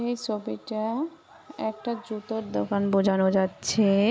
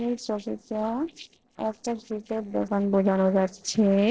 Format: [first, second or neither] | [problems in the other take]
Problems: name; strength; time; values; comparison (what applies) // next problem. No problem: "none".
first | noise reduction (neural separator model SepFormer DNS4)